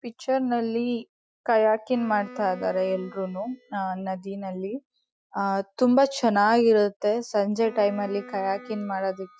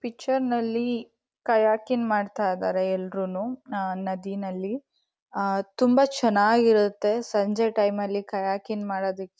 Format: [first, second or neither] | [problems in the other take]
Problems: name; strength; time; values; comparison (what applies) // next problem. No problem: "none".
second | noise reduction (classical method Wiener filter)